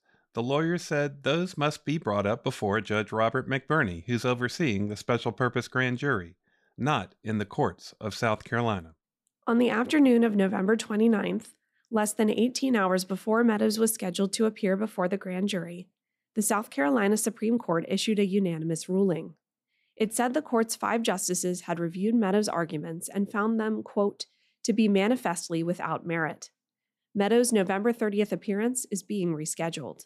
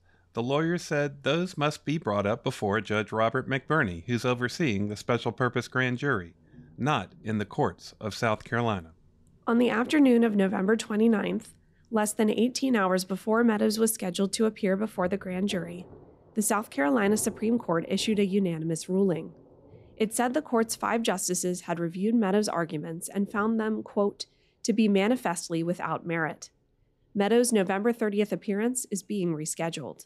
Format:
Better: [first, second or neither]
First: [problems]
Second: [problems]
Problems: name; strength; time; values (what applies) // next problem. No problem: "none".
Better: first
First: none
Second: rain or running water; faint; throughout; 25 dB below the speech